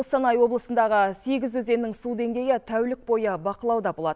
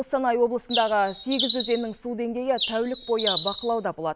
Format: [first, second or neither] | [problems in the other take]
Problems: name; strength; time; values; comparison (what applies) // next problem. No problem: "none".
first | background sound (Bird); 5 dB below the speech